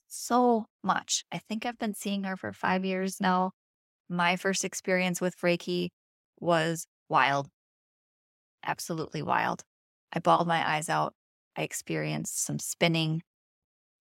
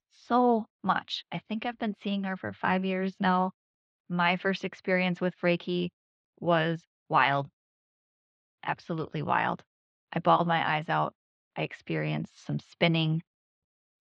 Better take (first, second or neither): first